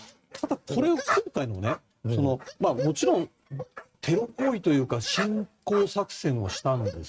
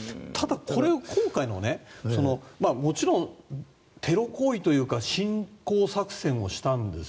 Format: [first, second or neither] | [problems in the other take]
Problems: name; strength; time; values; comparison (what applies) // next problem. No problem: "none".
second | noise reduction (neural mask model RNNoise)